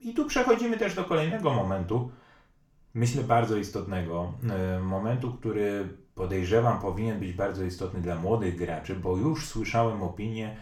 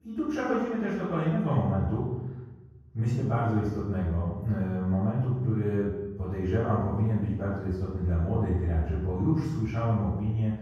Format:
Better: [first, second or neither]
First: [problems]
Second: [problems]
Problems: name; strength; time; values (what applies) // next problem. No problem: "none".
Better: first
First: room echo; slight; dies away in 0.4 s // off-mic speech; far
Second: room echo; strong; dies away in 1.3 s // off-mic speech; far